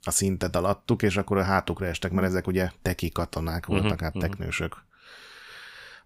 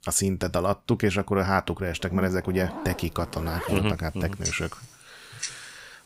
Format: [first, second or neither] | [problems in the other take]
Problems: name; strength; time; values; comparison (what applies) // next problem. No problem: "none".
first | household noises; noticeable; throughout; 10 dB below the speech